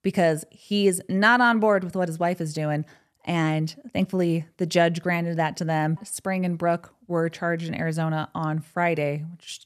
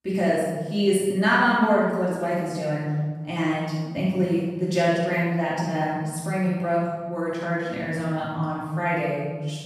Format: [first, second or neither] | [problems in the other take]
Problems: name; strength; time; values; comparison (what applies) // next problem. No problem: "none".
first | off-mic speech; far // room echo; strong; dies away in 1.2 s